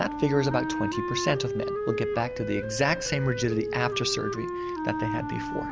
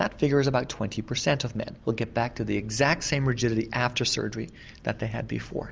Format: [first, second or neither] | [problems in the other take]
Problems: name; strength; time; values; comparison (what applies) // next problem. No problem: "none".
second | background sound (Wind instrument, woodwind instrument); 3 dB below the speech